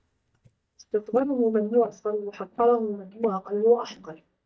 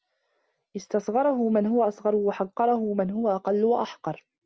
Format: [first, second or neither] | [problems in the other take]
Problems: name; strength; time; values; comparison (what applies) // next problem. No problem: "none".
second | noise reduction (neural mask model DeepFilterNet 3)